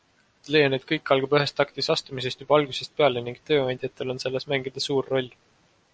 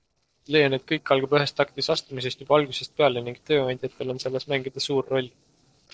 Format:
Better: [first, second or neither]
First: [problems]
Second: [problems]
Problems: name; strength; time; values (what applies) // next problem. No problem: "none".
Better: first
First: none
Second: noise reduction (neural separator model SepFormer DNS4)